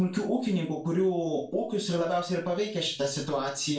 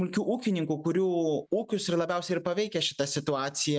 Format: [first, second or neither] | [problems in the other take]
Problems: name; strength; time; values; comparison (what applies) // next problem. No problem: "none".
second | room echo; dies away in 0.3 s